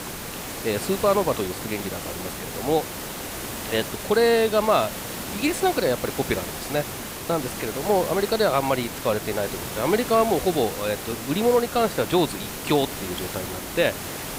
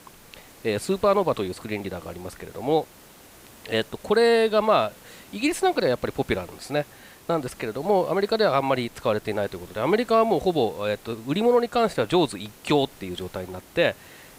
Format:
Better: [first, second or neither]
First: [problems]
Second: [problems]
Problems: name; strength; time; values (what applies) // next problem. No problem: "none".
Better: second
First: hiss; loud; throughout; 7 dB below the speech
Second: hiss; faint; throughout; 25 dB below the speech